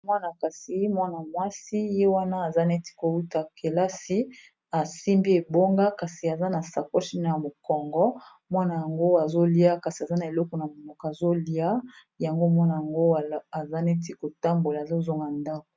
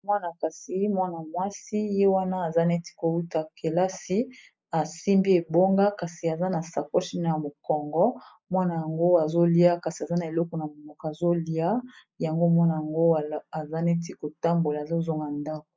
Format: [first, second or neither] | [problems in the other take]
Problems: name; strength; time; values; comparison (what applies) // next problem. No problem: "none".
first | noise reduction (neural mask model Resemble Enhance denoiser)